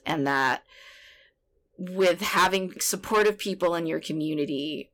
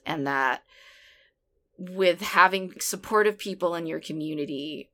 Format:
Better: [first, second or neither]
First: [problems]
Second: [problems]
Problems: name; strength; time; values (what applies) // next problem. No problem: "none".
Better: second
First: distortion; heavy; 4% of the sound clipped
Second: none